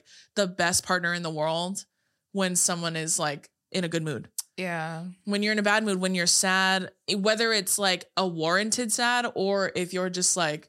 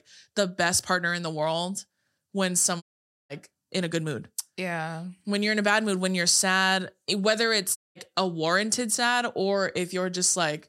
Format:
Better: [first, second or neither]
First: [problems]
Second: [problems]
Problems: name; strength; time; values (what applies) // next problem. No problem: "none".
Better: first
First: none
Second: audio cutting out; at 3 s and at 8 s